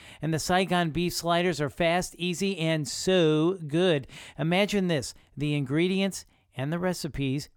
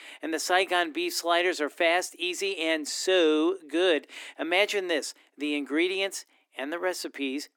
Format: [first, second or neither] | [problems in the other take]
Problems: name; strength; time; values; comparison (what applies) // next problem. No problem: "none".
first | thin; somewhat; fading below 300 Hz